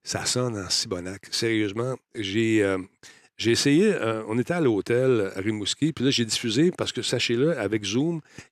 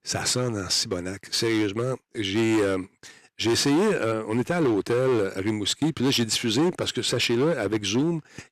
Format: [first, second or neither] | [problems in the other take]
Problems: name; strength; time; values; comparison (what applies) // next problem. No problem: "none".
first | distortion; slight; 11% of the sound clipped